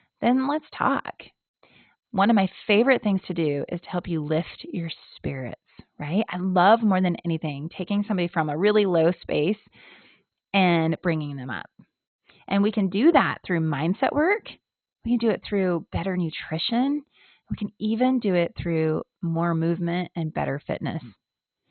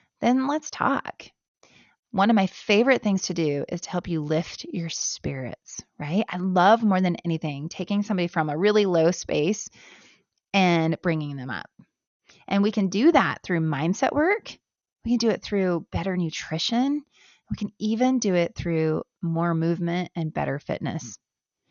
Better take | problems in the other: second | garbled, watery; badly; nothing above 4 kHz; slightly in the second

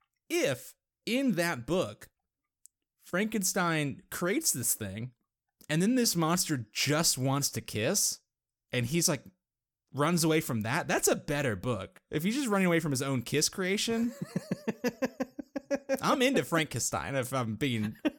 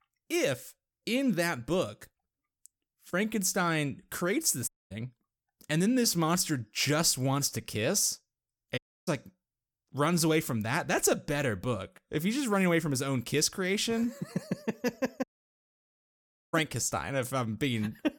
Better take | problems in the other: first | audio cutting out; at 4.5 s, at 9 s and at 15 s for 1.5 s

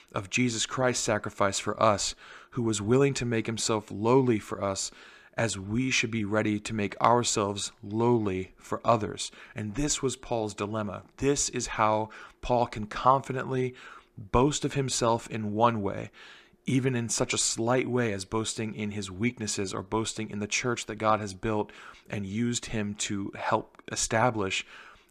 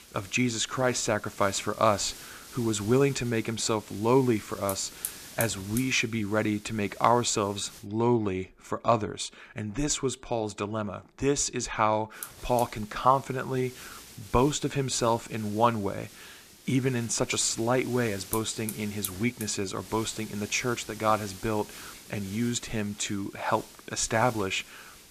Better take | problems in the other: first | hiss; noticeable; until 8 s and from 12 s on; 15 dB below the speech

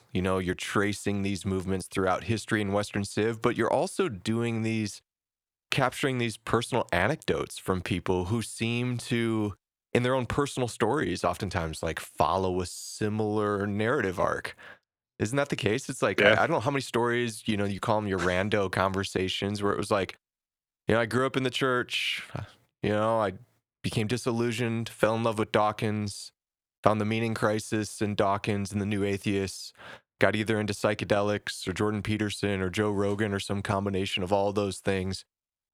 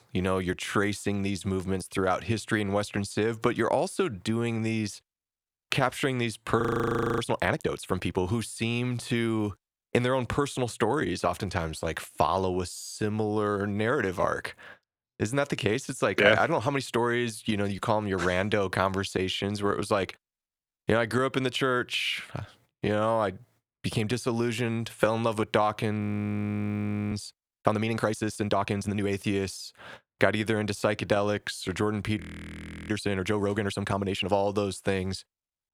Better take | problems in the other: first | audio freezing; at 6.5 s for 0.5 s, at 26 s for 1 s and at 32 s for 0.5 s

